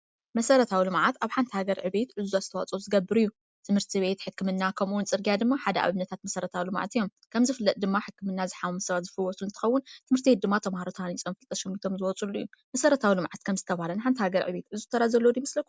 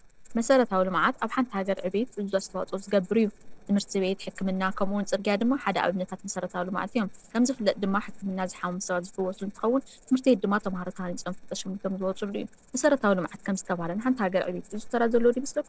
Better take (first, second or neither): first